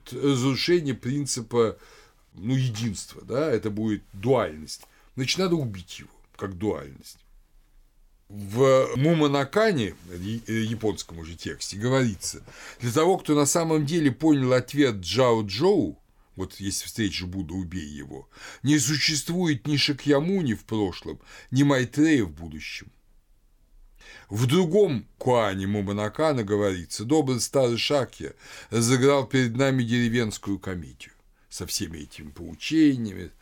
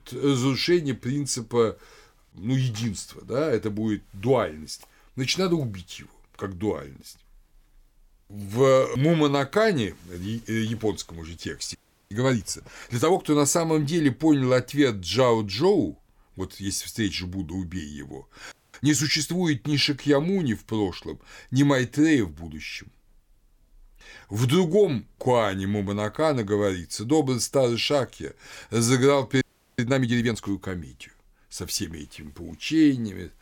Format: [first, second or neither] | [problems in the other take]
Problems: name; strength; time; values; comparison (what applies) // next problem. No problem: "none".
first | audio freezing; at 12 s, at 19 s and at 29 s